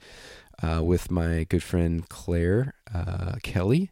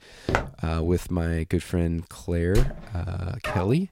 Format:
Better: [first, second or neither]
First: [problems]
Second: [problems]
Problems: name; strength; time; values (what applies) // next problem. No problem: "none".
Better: first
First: none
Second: footsteps; noticeable; at 0.5 s; peak level with the speech // door banging; noticeable; at 2.5 s; peak 4 dB below the speech // dog barking; noticeable; at 3.5 s; peak 6 dB below the speech